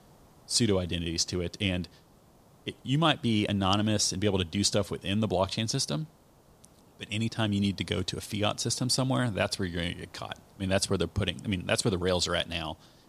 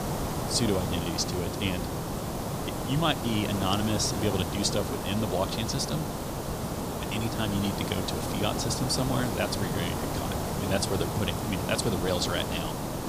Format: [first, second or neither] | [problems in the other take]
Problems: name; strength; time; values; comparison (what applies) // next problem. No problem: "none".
first | hiss; loud; throughout; 2 dB below the speech; faint in the first